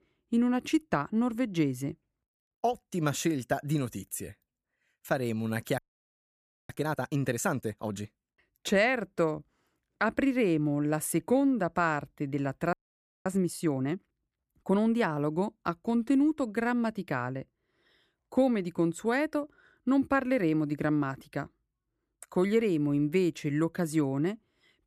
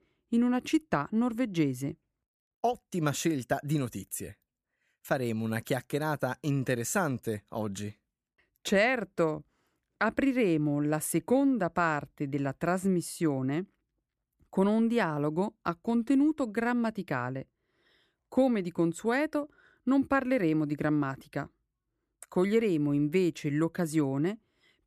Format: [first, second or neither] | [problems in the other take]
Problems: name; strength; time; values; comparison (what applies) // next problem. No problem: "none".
second | audio freezing; at 6 s for 1 s and at 13 s for 0.5 s